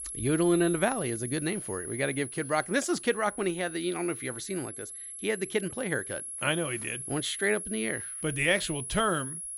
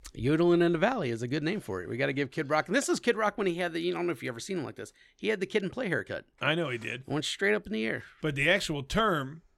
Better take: second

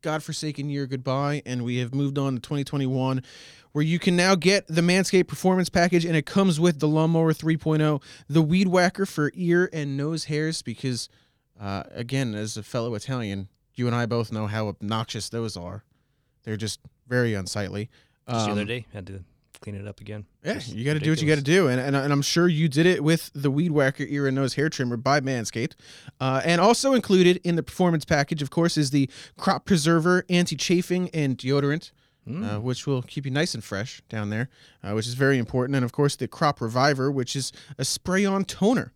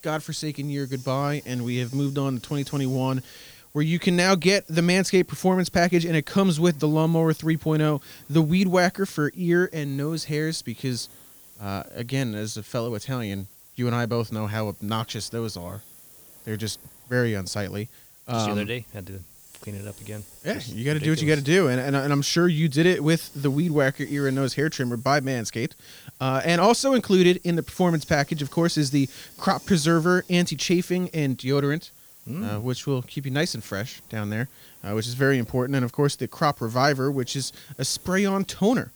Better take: first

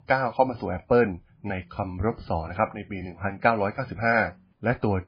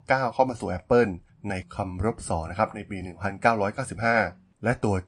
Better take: second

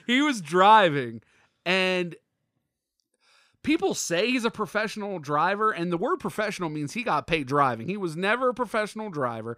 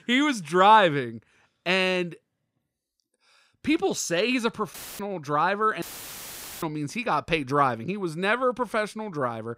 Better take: first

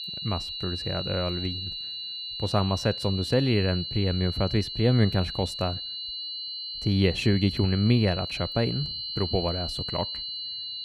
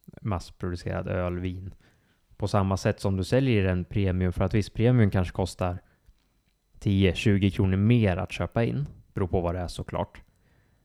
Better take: second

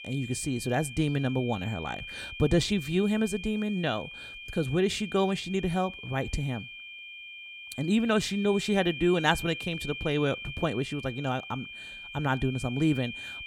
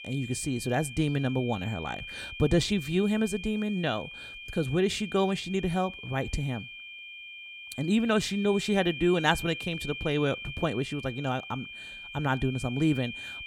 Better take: neither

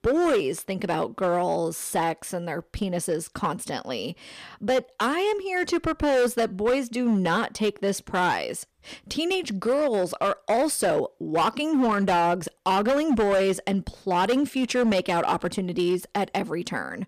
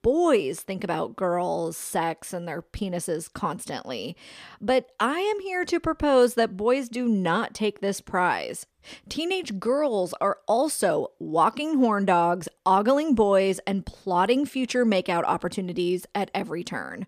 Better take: second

